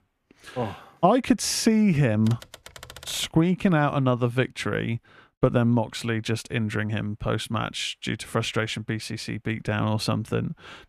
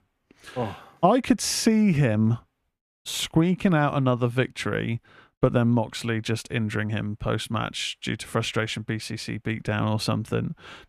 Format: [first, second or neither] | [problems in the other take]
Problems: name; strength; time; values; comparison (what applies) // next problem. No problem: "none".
second | keyboard typing; faint; from 2.5 to 3.5 s; peak 15 dB below the speech